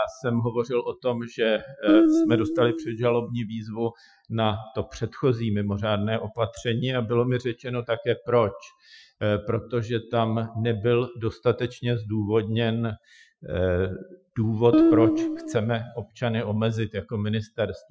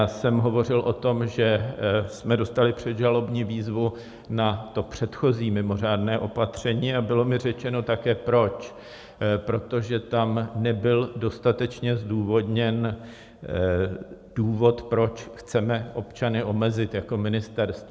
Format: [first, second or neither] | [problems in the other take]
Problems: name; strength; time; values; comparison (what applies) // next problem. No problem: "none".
second | noise reduction (classical method Wiener filter)